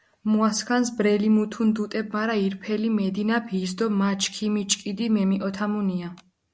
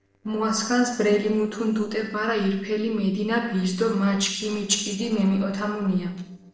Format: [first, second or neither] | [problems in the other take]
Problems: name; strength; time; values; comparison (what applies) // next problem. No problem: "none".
first | noise reduction (neural separator model SepFormer DNS4)